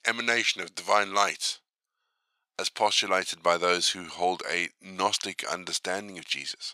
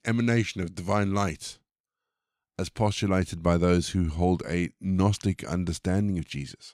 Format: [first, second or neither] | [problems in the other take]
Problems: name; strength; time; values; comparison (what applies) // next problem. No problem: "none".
second | thin; very; fading below 800 Hz